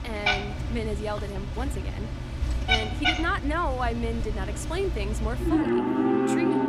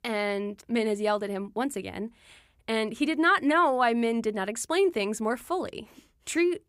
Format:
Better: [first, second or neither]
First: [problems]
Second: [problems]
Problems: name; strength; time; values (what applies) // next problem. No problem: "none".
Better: second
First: animal sounds; very loud; throughout; 4 dB above the speech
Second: none